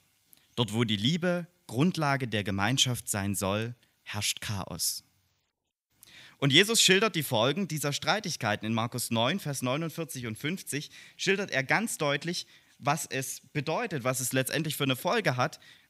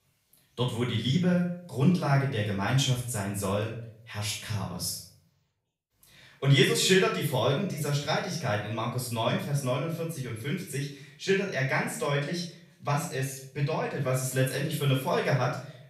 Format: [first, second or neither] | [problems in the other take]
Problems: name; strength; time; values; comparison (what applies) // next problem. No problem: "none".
first | off-mic speech; far // room echo; noticeable; dies away in 0.5 s